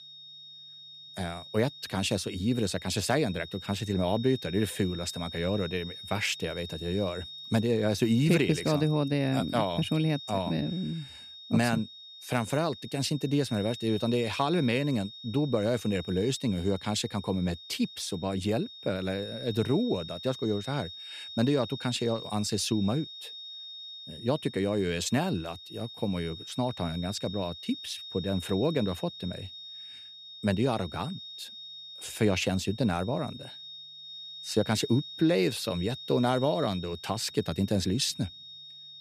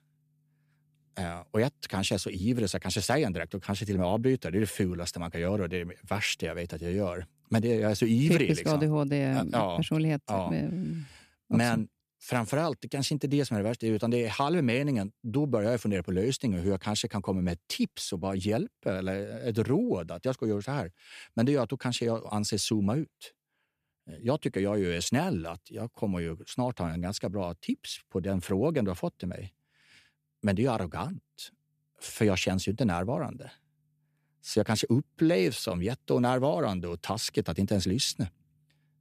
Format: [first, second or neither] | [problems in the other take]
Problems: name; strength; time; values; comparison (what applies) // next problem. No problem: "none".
second | high-pitched whine; noticeable; throughout; 3.5 kHz, 10 dB below the speech